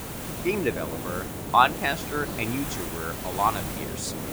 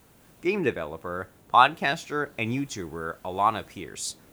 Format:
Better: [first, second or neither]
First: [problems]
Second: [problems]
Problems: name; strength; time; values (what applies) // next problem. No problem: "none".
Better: second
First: hiss; loud; throughout; 6 dB below the speech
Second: hiss; faint; throughout; 30 dB below the speech